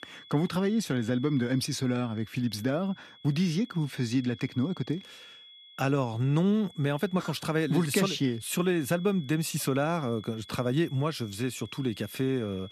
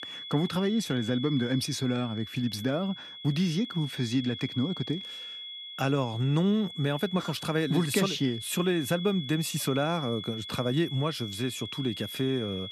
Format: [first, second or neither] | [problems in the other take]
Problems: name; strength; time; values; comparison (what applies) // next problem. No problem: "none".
first | high-pitched whine; loud; throughout; 3.5 kHz, 9 dB below the speech; faint in the first